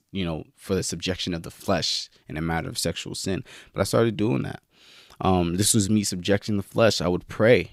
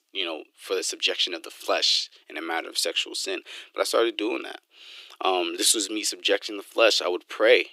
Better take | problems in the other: first | thin; very; fading below 300 Hz

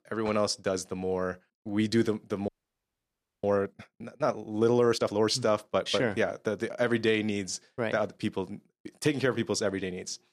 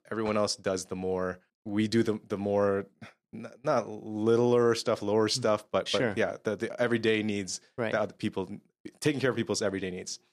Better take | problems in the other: second | audio freezing; at 2.5 s for 1 s

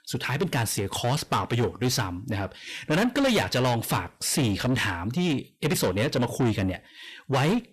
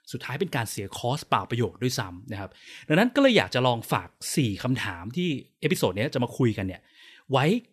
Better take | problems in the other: second | distortion; heavy; 6 dB below the speech

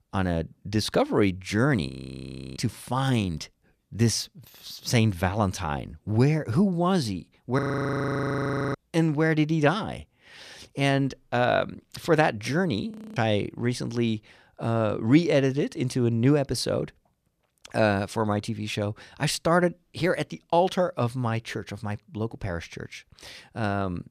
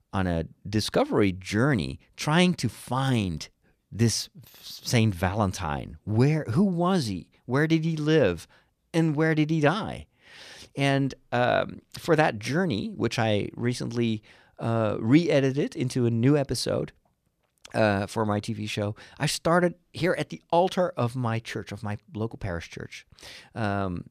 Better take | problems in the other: second | audio freezing; at 2 s for 0.5 s, at 7.5 s for 1 s and at 13 s

